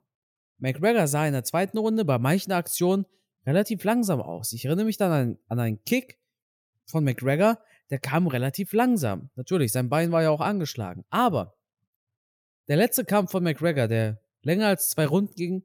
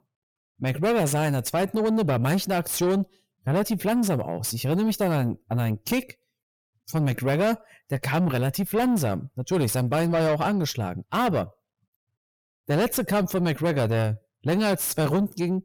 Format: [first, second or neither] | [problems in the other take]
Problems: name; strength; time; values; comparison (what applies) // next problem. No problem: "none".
first | distortion; heavy; 7 dB below the speech